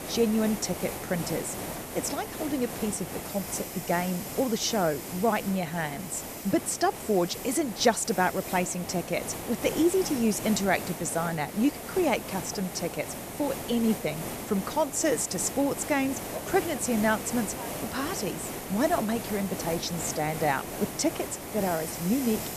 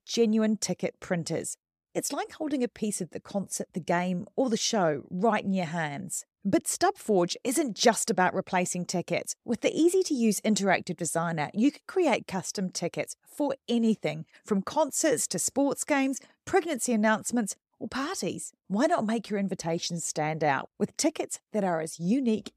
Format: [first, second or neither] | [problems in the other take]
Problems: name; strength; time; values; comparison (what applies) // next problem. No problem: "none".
second | hiss; loud; throughout; 7 dB below the speech